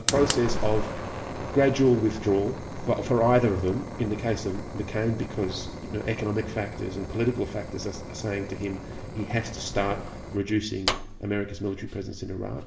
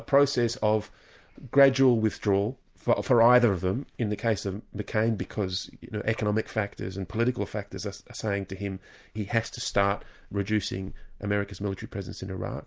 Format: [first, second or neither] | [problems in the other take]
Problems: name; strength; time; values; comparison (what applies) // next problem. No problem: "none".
second | background sound (Fire); 7 dB below the speech // room echo; dies away in 2.3 s